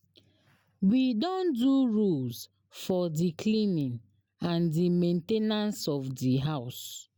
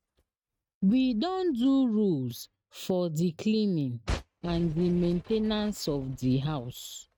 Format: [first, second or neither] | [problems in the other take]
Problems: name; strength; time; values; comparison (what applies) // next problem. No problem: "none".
first | noise reduction (neural mask model RNNoise)